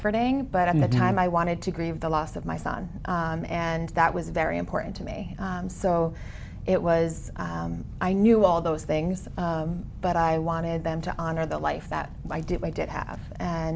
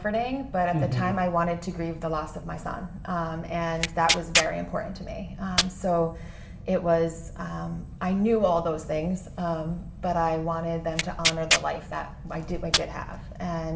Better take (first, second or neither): first